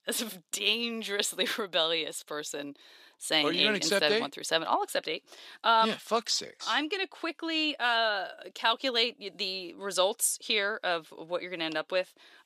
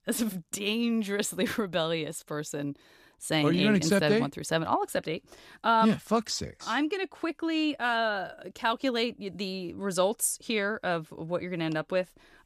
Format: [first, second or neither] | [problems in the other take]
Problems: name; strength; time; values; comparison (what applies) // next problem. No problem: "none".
second | thin; somewhat; fading below 400 Hz